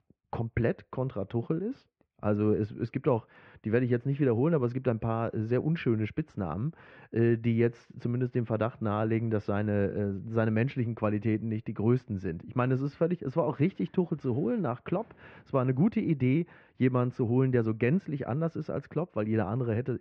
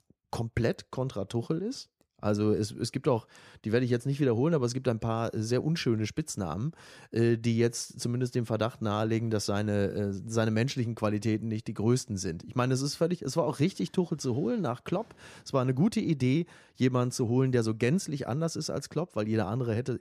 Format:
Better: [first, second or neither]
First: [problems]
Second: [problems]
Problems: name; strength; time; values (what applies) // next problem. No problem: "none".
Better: second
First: muffled; very; fading above 2.5 kHz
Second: none